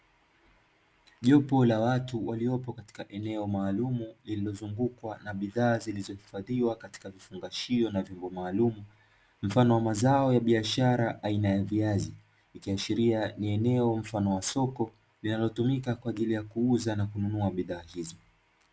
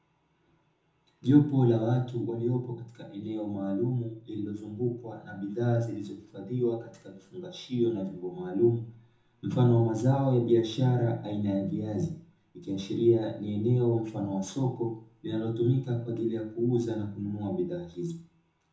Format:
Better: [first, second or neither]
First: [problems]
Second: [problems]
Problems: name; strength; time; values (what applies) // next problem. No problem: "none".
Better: first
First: none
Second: room echo; dies away in 0.6 s